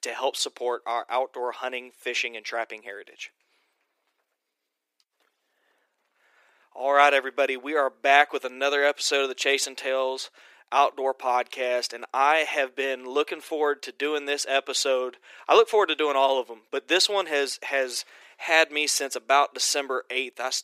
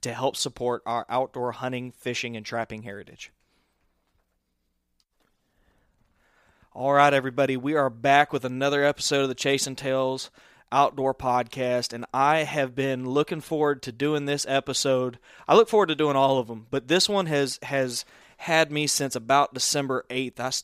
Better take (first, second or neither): second